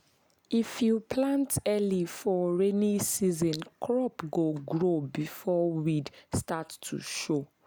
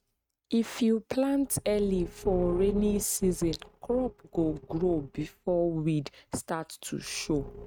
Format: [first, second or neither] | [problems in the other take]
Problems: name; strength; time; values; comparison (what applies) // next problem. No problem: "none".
first | noise reduction (neural mask model RNNoise)